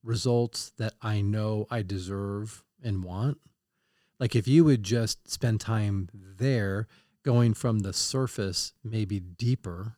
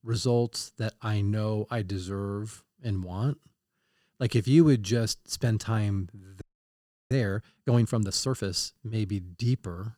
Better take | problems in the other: first | audio freezing; at 6.5 s for 0.5 s

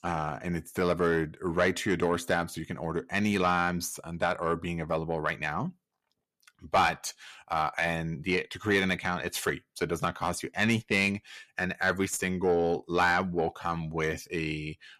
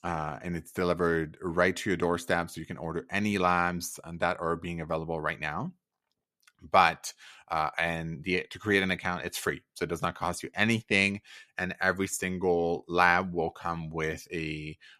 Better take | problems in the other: second | distortion; slight; 10 dB below the speech

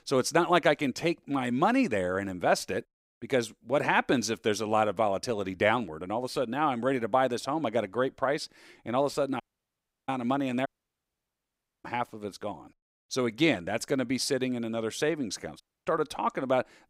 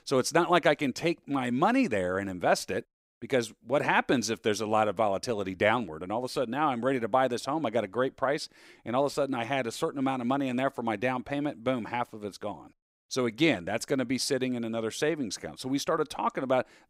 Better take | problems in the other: second | audio cutting out; at 9.5 s for 0.5 s, at 11 s for 1 s and at 16 s

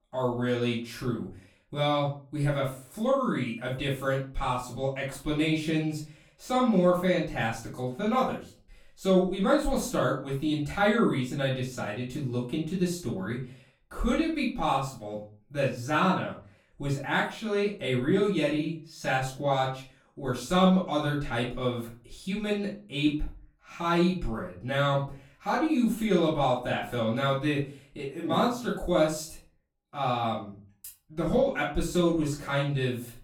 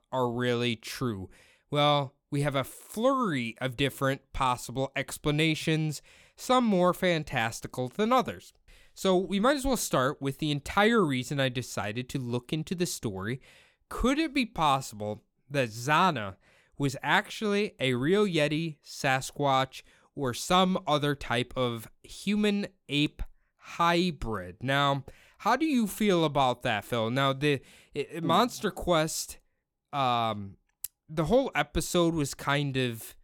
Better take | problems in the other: second | off-mic speech; far // room echo; slight; dies away in 0.3 s

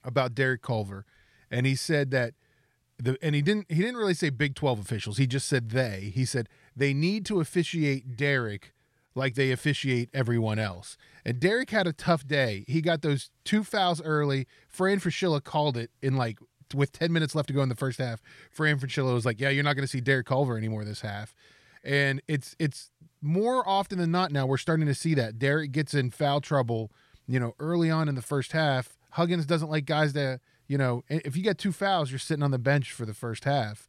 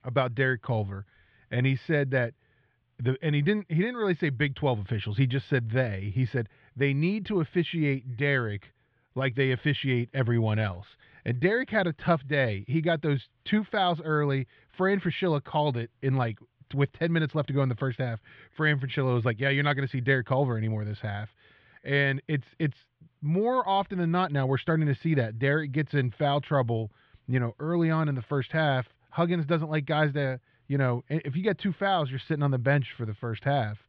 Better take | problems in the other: first | muffled; very; fading above 3.5 kHz

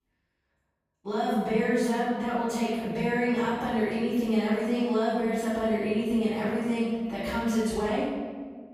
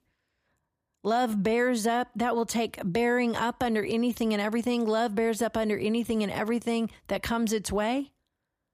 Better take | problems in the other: second | off-mic speech; far // room echo; strong; dies away in 1.4 s

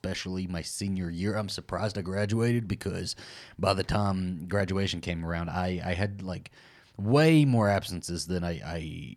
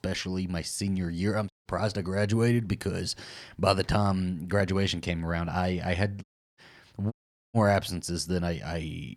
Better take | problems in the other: first | audio cutting out; at 1.5 s, at 6 s and at 7 s

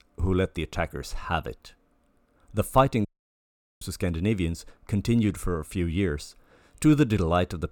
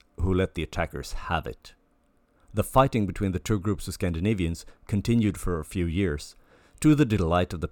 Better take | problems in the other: second | audio cutting out; at 3 s for 1 s

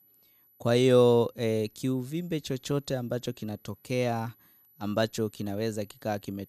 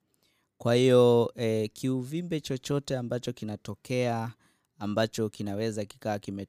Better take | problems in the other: second | high-pitched whine; faint; throughout; 12 kHz, 30 dB below the speech

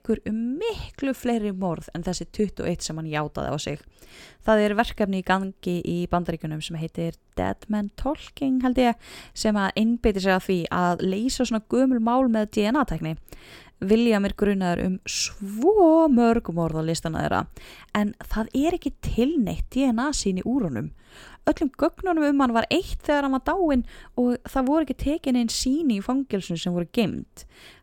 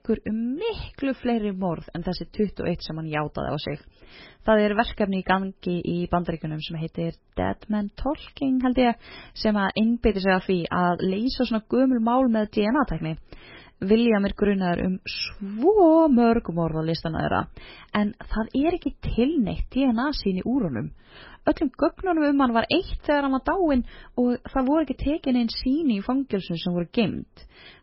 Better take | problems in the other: first | garbled, watery; badly; nothing above 5.5 kHz

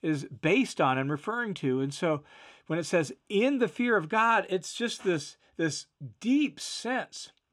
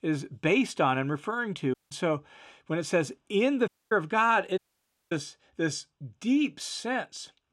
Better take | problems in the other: first | audio cutting out; at 1.5 s, at 3.5 s and at 4.5 s for 0.5 s

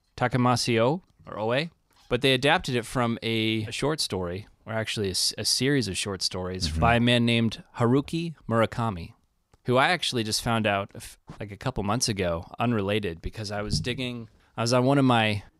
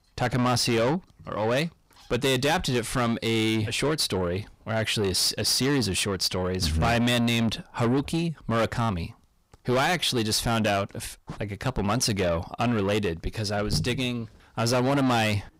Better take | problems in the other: first | distortion; heavy; 7 dB below the speech

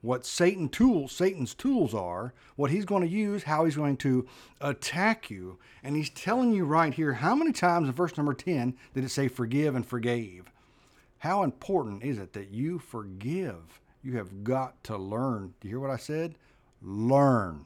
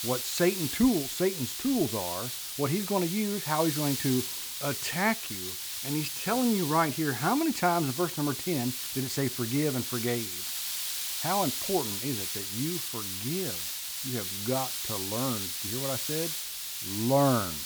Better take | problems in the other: first | hiss; loud; throughout; 2 dB below the speech

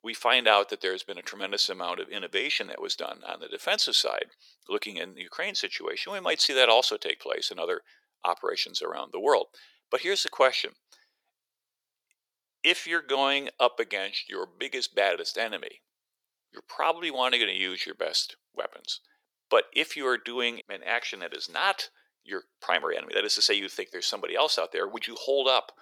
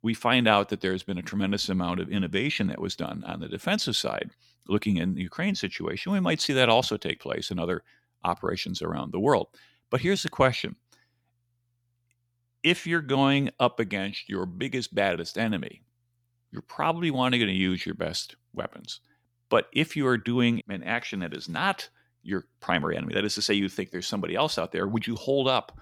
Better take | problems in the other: second | thin; very; fading below 450 Hz

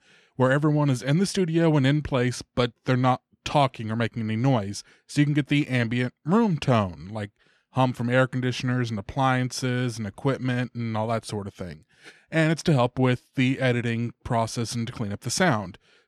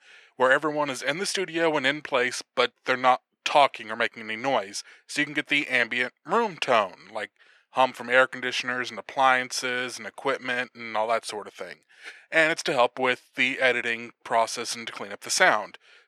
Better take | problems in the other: first | thin; very; fading below 600 Hz

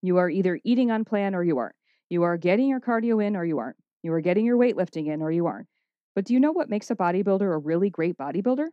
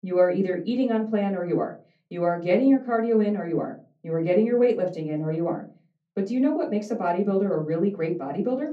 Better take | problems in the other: first | off-mic speech; far // room echo; very slight; dies away in 0.3 s

